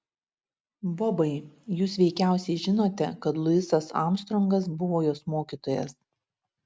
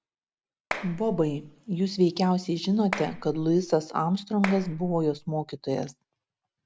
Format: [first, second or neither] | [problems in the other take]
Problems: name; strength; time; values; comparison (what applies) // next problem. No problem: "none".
first | background sound (Clapping); 11 dB below the speech